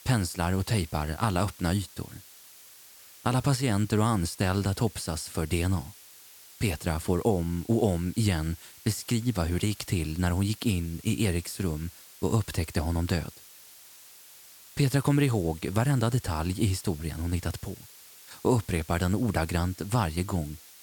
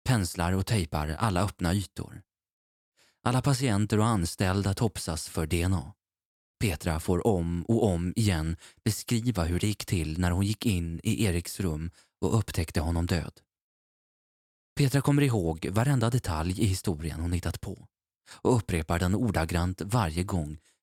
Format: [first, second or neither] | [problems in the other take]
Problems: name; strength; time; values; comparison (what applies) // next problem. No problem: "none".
second | hiss; noticeable; throughout; 20 dB below the speech